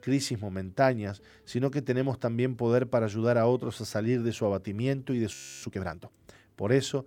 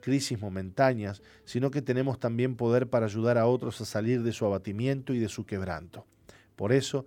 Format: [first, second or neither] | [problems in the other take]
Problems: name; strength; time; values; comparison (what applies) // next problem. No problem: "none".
second | audio freezing; at 5.5 s